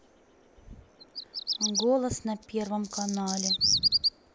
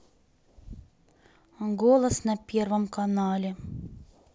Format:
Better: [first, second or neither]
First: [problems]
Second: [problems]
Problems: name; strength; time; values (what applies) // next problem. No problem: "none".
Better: second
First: background sound (Bird vocalization, bird call, bird song); 1 dB above the speech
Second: none